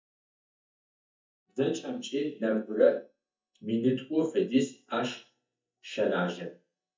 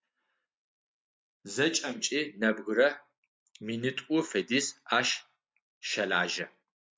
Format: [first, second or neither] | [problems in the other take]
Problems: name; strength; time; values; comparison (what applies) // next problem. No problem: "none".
second | noise reduction (neural mask model DeepFilterNet 3)